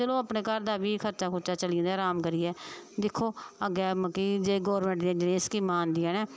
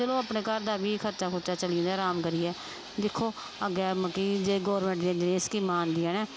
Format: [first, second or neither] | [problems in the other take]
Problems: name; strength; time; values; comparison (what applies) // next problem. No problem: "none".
first | background sound (Fixed-wing aircraft, airplane); 15 dB below the speech